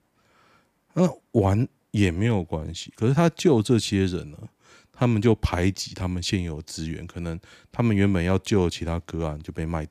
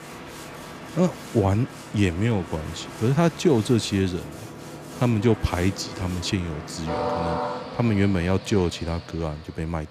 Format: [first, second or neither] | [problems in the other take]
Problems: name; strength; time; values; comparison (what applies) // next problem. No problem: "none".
first | train or aircraft noise; noticeable; throughout; 10 dB below the speech